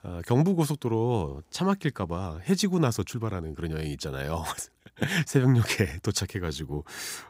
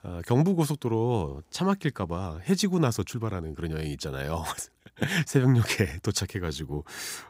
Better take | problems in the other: neither | none

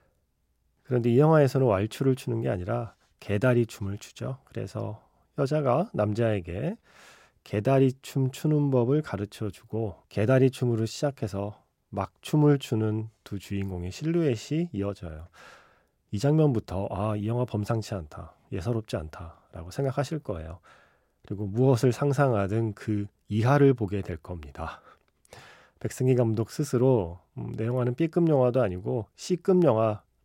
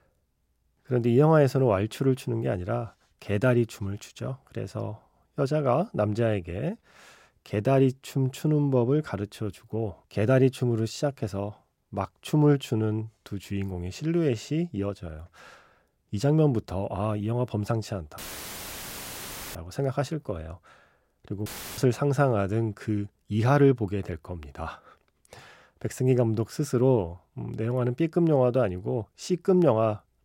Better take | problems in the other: first | audio cutting out; filled with static; at 18 s for 1.5 s and at 21 s

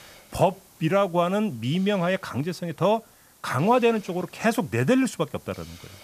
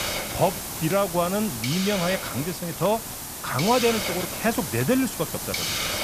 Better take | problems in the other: first | hiss; loud; throughout; 3 dB below the speech; faint in the first

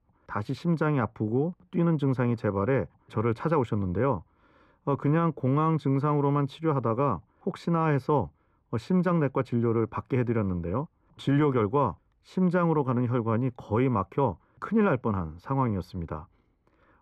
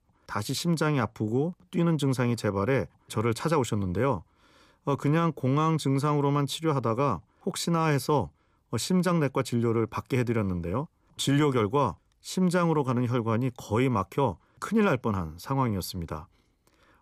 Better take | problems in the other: second | muffled; very; fading above 3.5 kHz

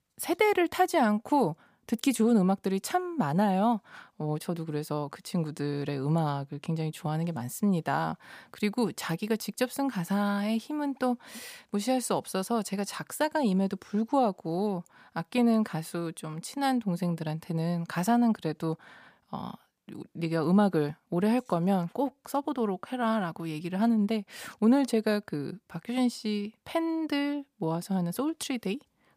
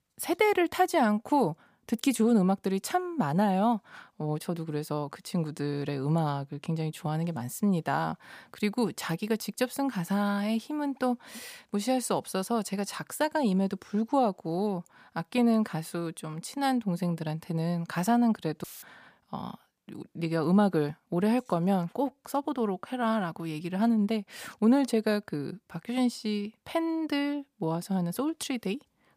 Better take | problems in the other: first | audio cutting out; filled with static; at 19 s

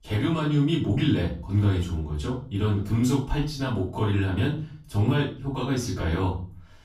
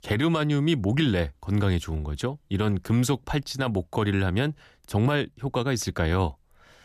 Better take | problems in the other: second | off-mic speech; far // room echo; noticeable; dies away in 0.4 s

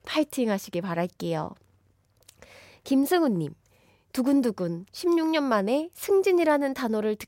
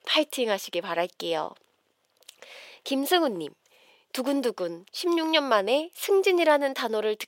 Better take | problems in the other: first | thin; somewhat; fading below 450 Hz

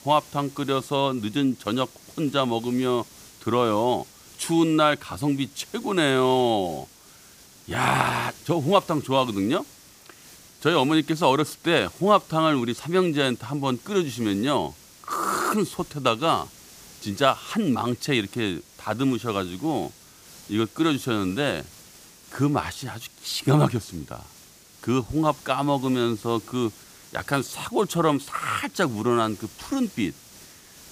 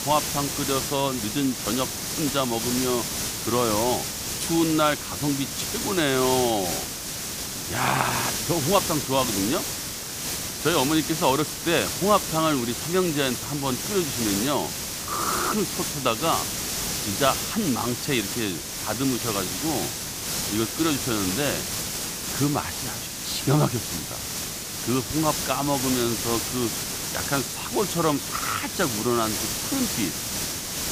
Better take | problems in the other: first | hiss; loud; throughout; 1 dB below the speech; faint in the first

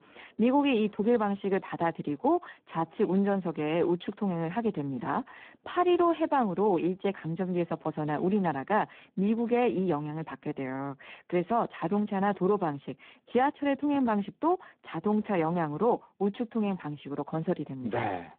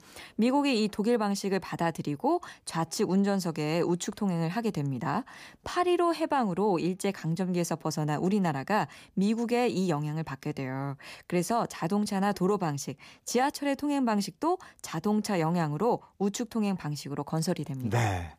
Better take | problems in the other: second | phone-call audio; poor line

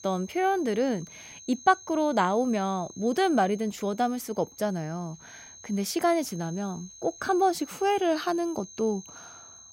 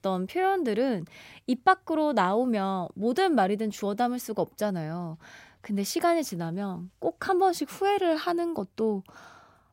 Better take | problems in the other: second | high-pitched whine; noticeable; throughout; 6.5 kHz, 20 dB below the speech

